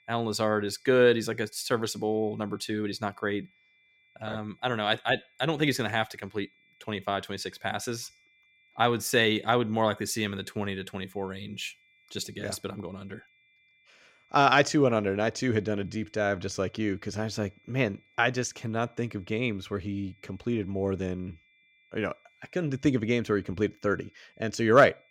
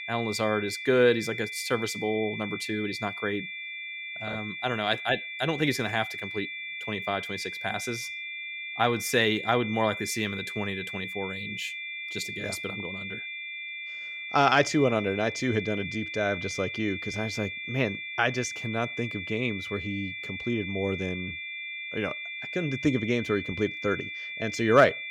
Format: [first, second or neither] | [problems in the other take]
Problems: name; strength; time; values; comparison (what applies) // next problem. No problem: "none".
first | high-pitched whine; loud; throughout; 2.5 kHz, 6 dB below the speech; faint in the first